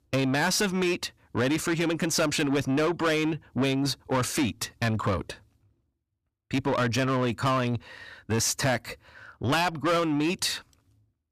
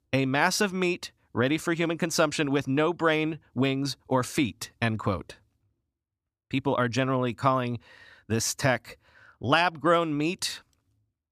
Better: second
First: distortion; heavy; 7 dB below the speech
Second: none

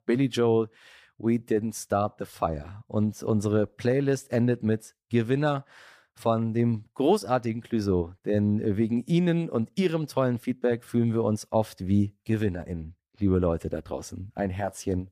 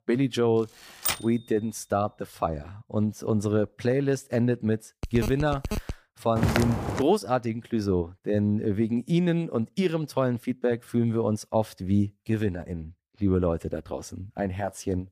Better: first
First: none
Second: keyboard typing; noticeable; at 1 s; peak 1 dB below the speech // phone ringing; noticeable; at 5 s; peak 7 dB below the speech // footsteps; loud; at 6.5 s; peak 1 dB above the speech

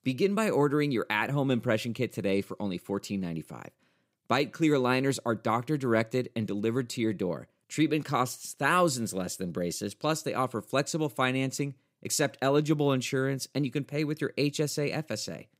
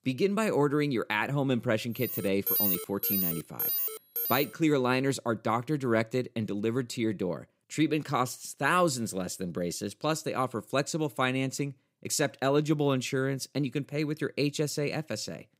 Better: first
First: none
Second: alarm; loud; from 2 to 4.5 s; peak 5 dB above the speech

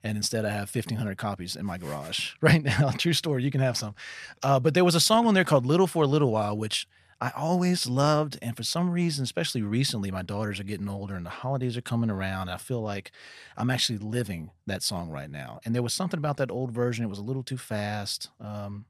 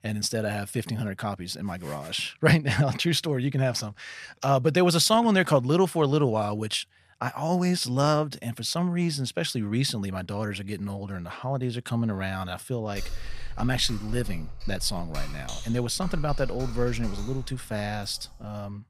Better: first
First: none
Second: keyboard typing; faint; from 13 s on; peak 10 dB below the speech

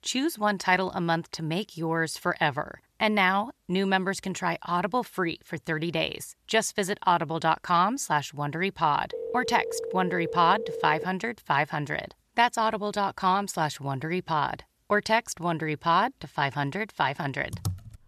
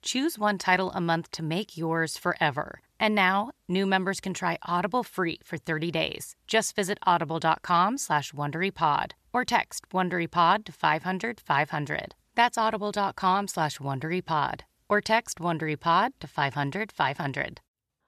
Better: second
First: phone ringing; noticeable; from 9 to 11 s; peak 6 dB below the speech // keyboard typing; noticeable; at 18 s; peak 8 dB below the speech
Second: none

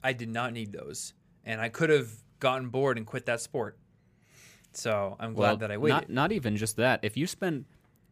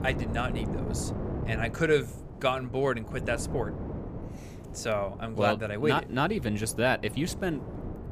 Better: first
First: none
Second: wind noise on the microphone; occasional gusts; 15 dB below the speech

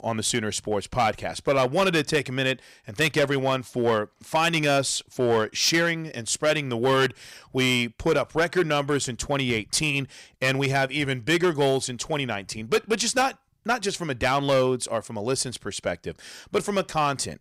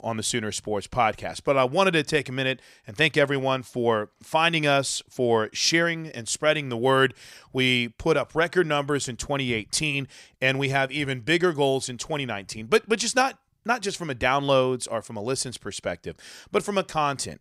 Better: second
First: distortion; slight; 5% of the sound clipped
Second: none

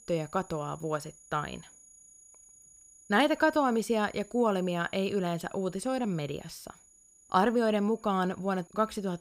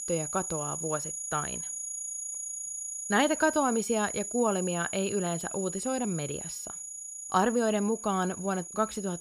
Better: first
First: high-pitched whine; faint; throughout; 7 kHz, 25 dB below the speech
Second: high-pitched whine; loud; throughout; 7 kHz, 5 dB below the speech

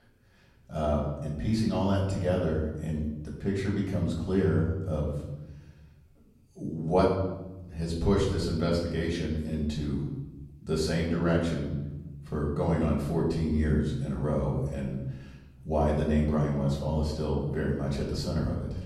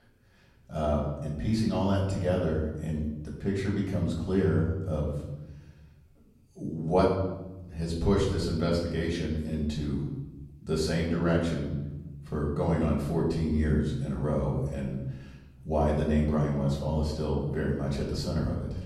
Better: neither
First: off-mic speech; far // room echo; noticeable; dies away in 1 s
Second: off-mic speech; far // room echo; noticeable; dies away in 1 s

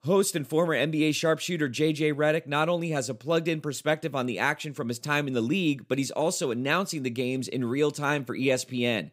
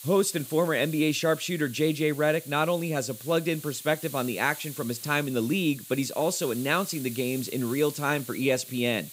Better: first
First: none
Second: hiss; noticeable; throughout; 15 dB below the speech

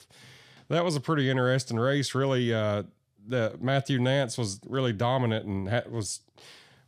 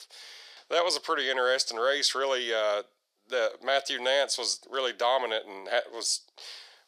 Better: first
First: none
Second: thin; very; fading below 450 Hz

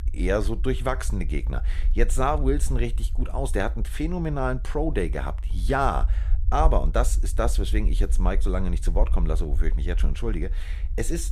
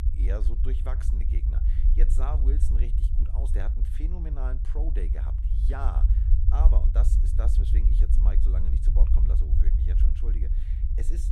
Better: first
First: low rumble; faint; throughout; 20 dB below the speech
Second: low rumble; loud; throughout; 3 dB below the speech

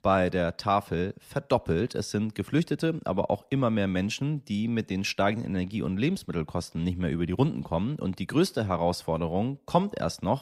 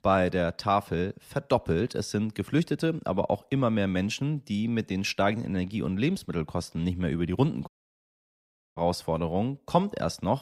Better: first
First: none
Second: audio cutting out; at 7.5 s for 1 s

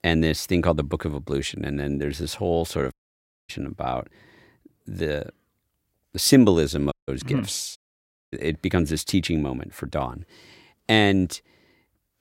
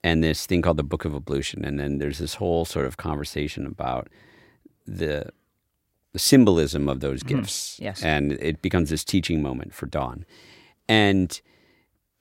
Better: second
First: audio cutting out; at 3 s for 0.5 s, at 7 s and at 8 s for 0.5 s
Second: none

